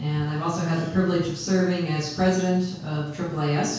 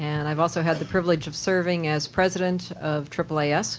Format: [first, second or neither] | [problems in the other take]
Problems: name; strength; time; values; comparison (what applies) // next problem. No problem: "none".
second | room echo; dies away in 0.6 s